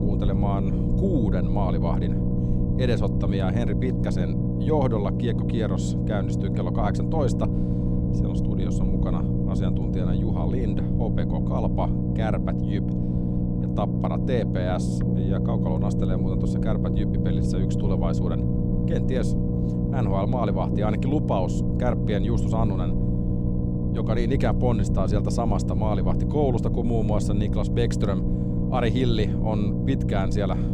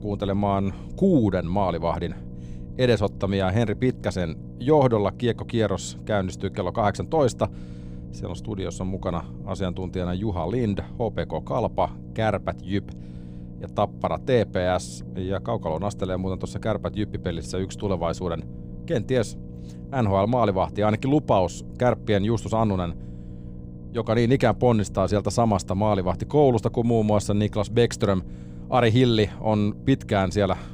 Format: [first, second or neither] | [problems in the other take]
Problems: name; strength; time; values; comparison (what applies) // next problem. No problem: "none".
second | low rumble; loud; throughout; 2 dB below the speech; faint in the second